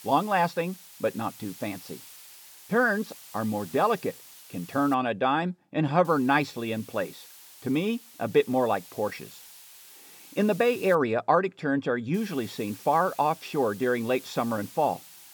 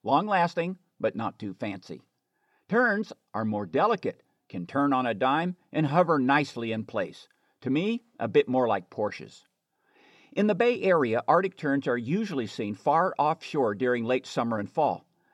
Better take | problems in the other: second | hiss; noticeable; until 5 s, from 6 to 11 s and from 12 s on; 20 dB below the speech

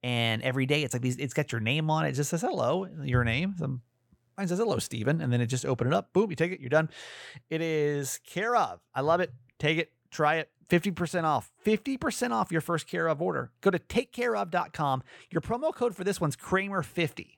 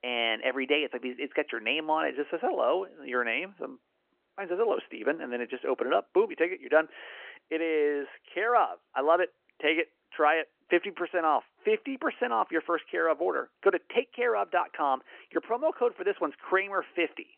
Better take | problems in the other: first | phone-call audio; nothing above 3 kHz

